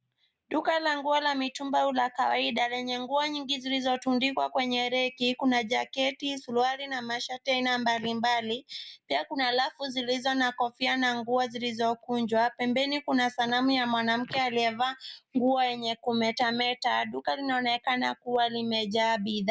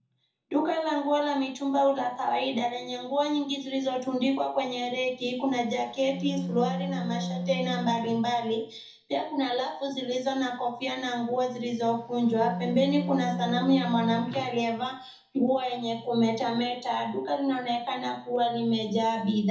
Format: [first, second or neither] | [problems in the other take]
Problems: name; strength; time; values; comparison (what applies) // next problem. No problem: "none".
first | background sound (Wind instrument, woodwind instrument); 6 dB below the speech // room echo; dies away in 0.6 s